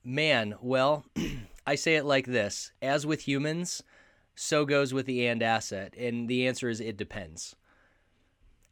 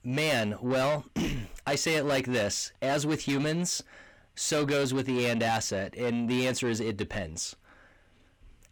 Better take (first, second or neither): first